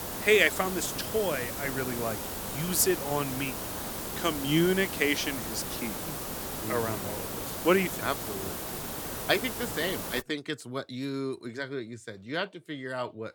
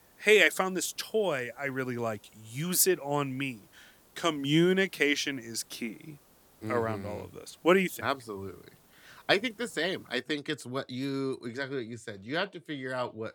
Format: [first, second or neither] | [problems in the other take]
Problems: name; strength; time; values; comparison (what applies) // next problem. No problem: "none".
second | hiss; loud; until 10 s; 5 dB below the speech; faint in the second